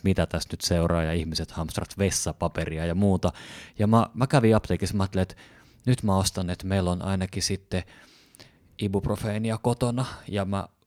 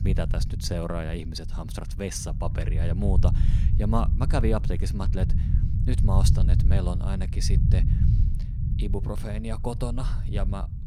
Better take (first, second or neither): first